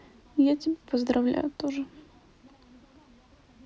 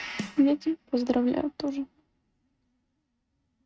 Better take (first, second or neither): first